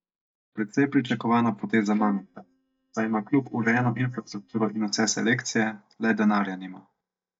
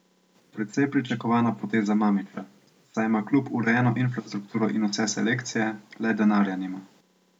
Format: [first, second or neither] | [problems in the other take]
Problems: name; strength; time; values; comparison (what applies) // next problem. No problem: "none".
second | noise reduction (neural mask model DeepFilterNet 3)